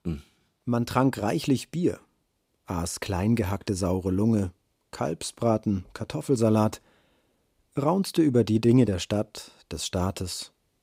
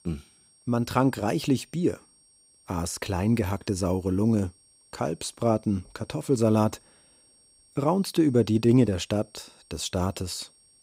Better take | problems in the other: first | high-pitched whine; faint; throughout; 8.5 kHz, 30 dB below the speech

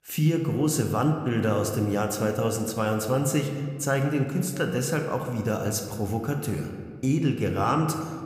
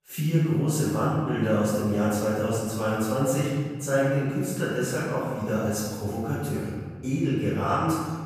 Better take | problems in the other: first | room echo; strong; dies away in 1.5 s; slight in the first // off-mic speech; far

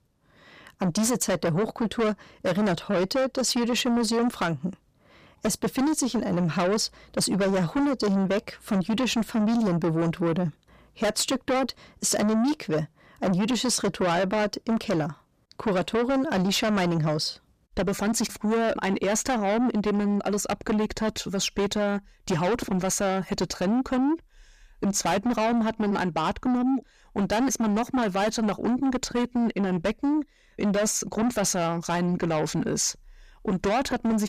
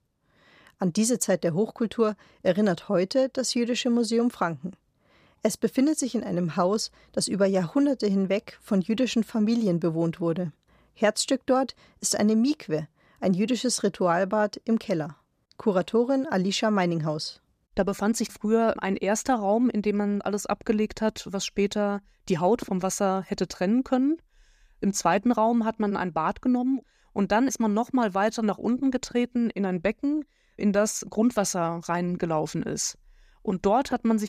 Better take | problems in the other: second | distortion; heavy; 7 dB below the speech

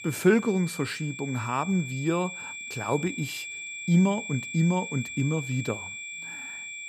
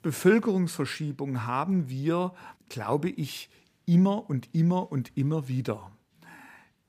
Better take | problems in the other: second | high-pitched whine; loud; throughout; 2.5 kHz, 8 dB below the speech

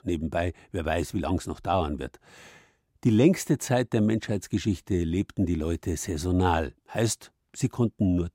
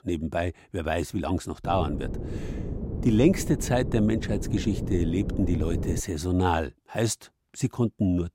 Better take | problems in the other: first | wind noise on the microphone; occasional gusts; from 1.5 to 6 s; 10 dB below the speech

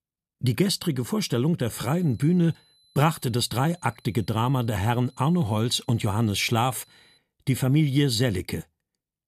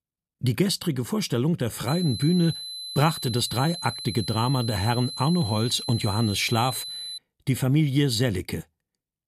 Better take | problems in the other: first | high-pitched whine; loud; from 2 to 7 s; 4 kHz, 8 dB below the speech; faint in the first

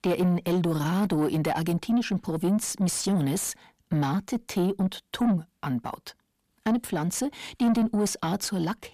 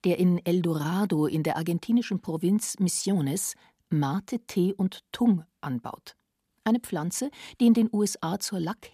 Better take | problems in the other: second | distortion; slight; 9 dB below the speech

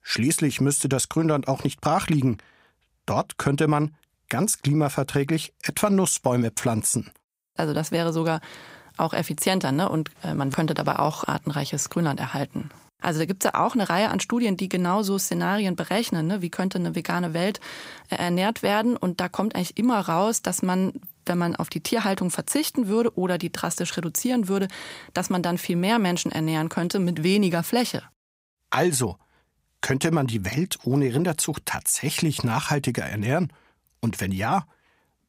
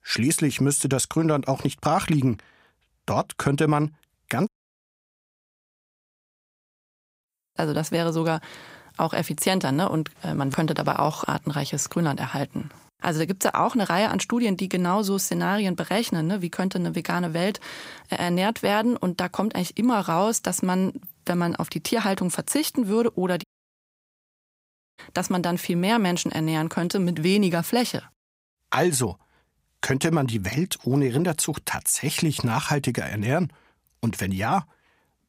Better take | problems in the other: first | audio cutting out; at 4.5 s for 3 s and at 23 s for 1.5 s

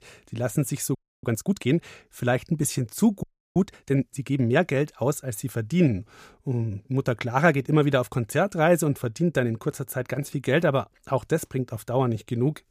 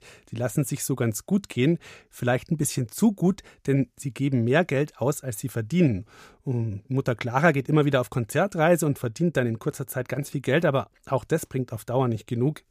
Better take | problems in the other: second | audio freezing; at 1 s and at 3 s

